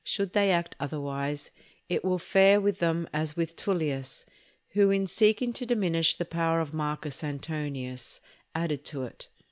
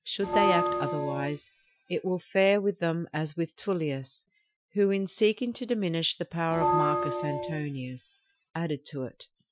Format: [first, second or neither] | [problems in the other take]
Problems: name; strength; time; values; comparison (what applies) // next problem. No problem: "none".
first | noise reduction (classical method Wiener filter)